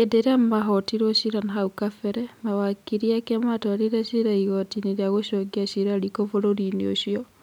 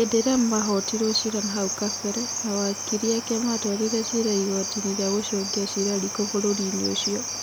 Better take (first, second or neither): first